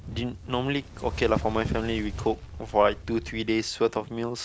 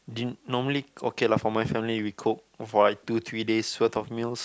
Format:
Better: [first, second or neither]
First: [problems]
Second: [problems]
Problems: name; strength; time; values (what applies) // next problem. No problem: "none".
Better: second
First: background sound (Fire); 11 dB below the speech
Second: none